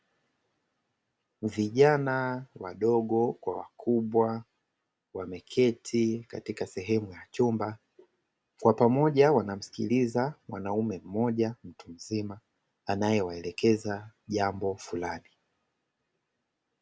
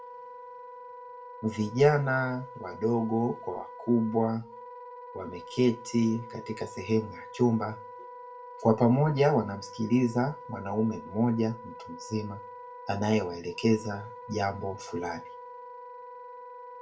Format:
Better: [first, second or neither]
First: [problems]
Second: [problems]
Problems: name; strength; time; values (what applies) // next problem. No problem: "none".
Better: first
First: none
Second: background sound (Wind instrument, woodwind instrument); 15 dB below the speech // room echo; dies away in 0.2 s